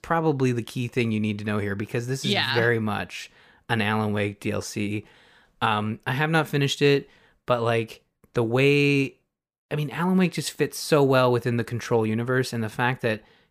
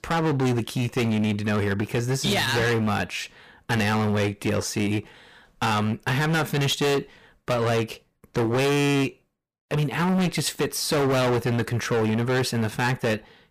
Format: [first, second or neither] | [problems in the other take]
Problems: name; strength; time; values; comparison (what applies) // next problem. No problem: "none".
first | distortion; heavy; 23% of the sound clipped